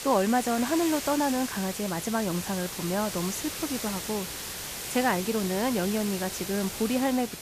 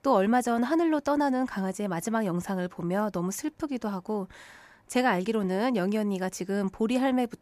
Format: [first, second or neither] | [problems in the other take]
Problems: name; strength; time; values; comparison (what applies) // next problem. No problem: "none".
second | hiss; loud; throughout; 6 dB below the speech